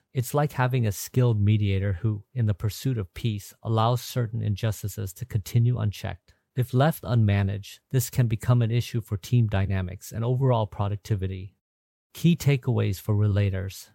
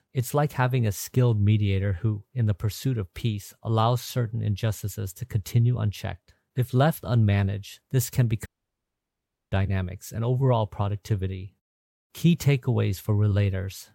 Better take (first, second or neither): first